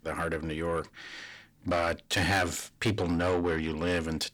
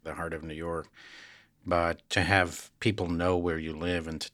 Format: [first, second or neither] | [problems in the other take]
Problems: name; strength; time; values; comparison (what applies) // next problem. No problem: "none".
second | distortion; heavy; 6 dB below the speech